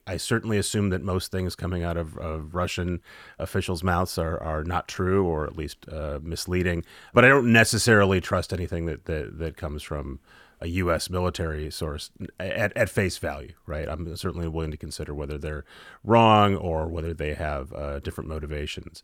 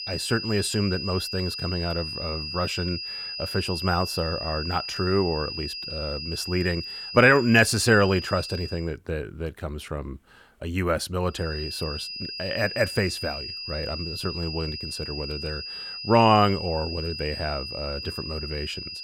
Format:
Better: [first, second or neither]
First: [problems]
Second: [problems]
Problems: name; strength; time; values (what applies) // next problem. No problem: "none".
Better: first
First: none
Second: high-pitched whine; loud; until 9 s and from 11 s on; 5 kHz, 6 dB below the speech